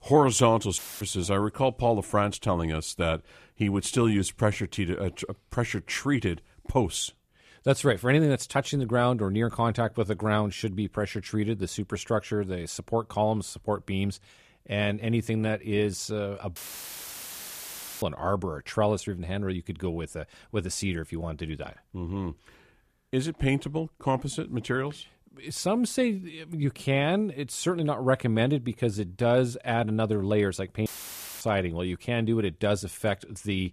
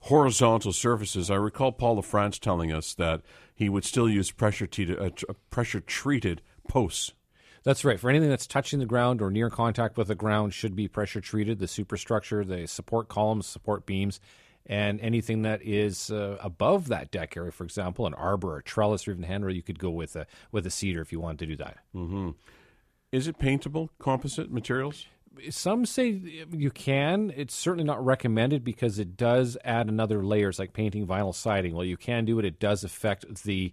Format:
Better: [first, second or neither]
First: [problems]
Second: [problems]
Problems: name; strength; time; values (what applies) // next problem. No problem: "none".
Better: second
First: audio cutting out; filled with static; at 1 s, at 17 s for 1.5 s and at 31 s for 0.5 s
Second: none